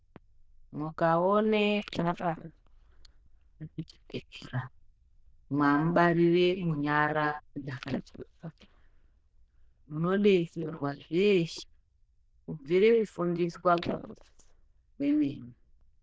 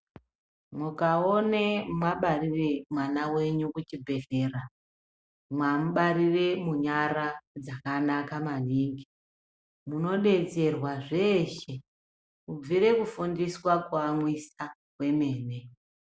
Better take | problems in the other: second | noise reduction (neural diffusion model UNIVERSE++)

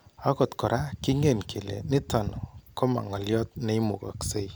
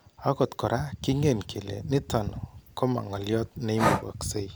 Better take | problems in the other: first | background sound (Breathing); 6 dB below the speech

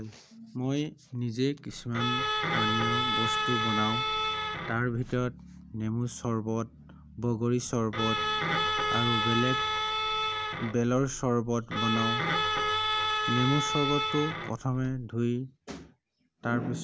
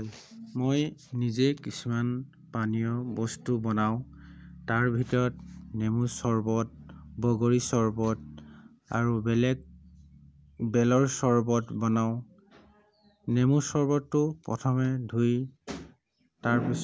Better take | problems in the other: second | background sound (Bowed string instrument); 1 dB above the speech

